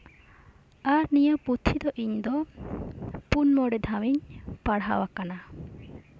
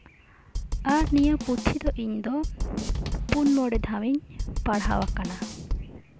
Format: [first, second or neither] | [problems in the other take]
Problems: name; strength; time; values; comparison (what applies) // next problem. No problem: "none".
first | background sound (Drum / Drum kit); 3 dB below the speech